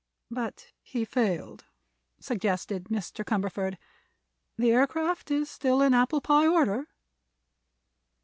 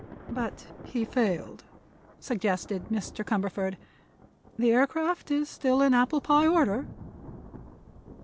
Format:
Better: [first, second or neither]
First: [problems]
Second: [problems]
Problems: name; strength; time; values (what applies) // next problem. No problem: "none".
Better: first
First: none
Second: background sound (Thunder / Rain); 18 dB below the speech